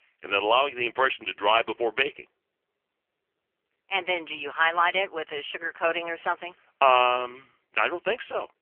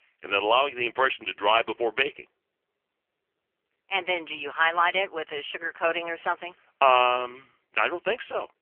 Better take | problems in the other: neither | phone-call audio; poor line; nothing above 3 kHz; the same in both

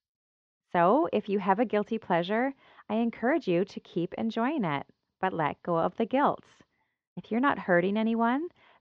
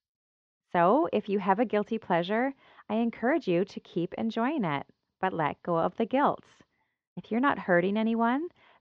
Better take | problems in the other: neither | muffled; slightly; fading above 3.5 kHz; the same in both

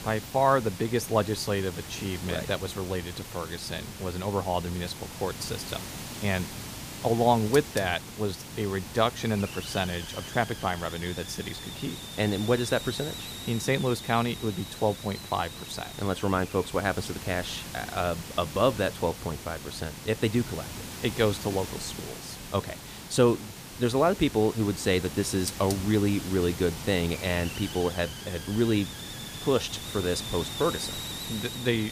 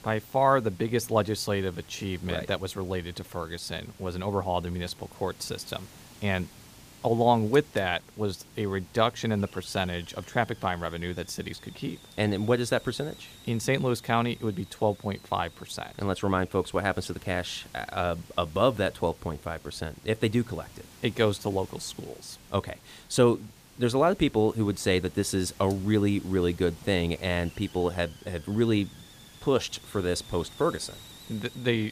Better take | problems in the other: second | hiss; loud; throughout; 9 dB below the speech; faint in the second

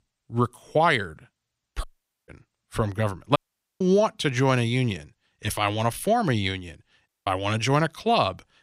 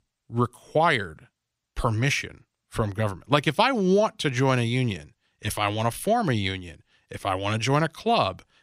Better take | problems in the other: second | audio cutting out; at 2 s, at 3.5 s and at 7 s

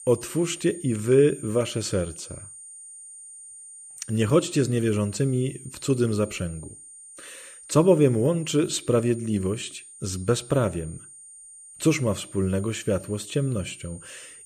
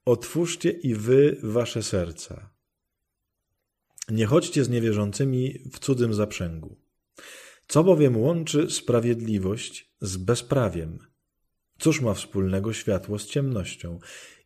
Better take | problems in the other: second | high-pitched whine; noticeable; throughout; 9 kHz, 15 dB below the speech

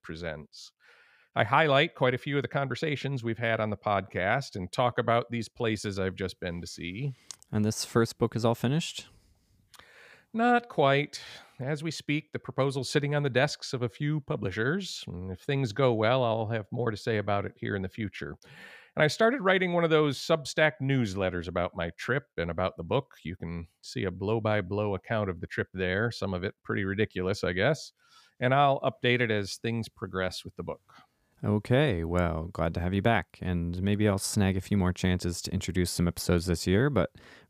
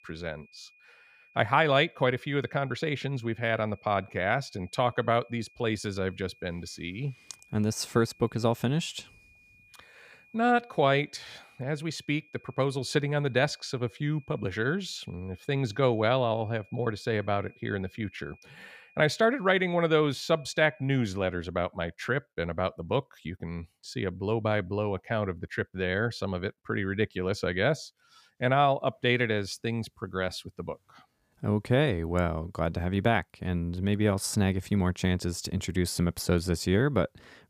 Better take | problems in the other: first | high-pitched whine; faint; until 21 s; 2.5 kHz, 30 dB below the speech

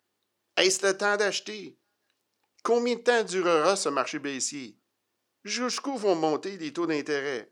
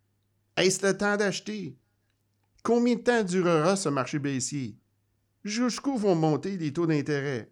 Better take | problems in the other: second | thin; somewhat; fading below 400 Hz

